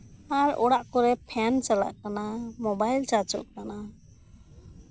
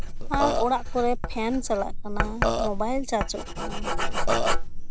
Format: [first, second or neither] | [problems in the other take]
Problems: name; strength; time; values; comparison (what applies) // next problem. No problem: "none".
first | background sound (Writing + Burping, eructation); 4 dB above the speech